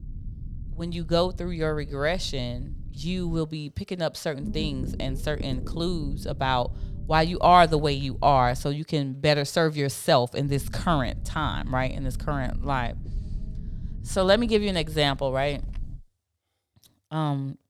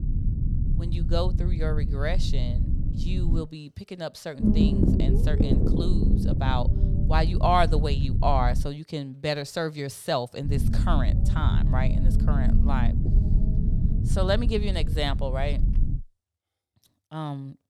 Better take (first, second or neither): first